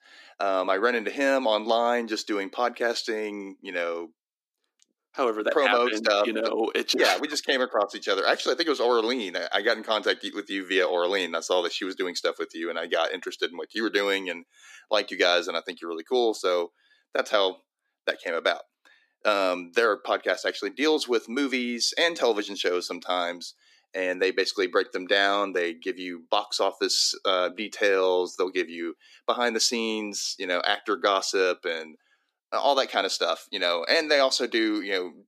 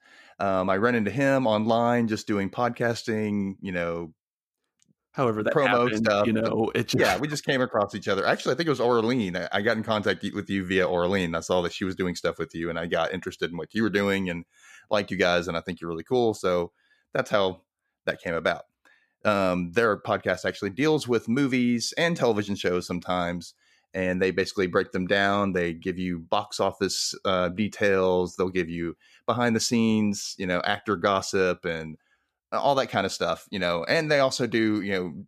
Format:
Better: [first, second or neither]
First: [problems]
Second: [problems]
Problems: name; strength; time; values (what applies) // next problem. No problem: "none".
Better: second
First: thin; somewhat; fading below 300 Hz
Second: none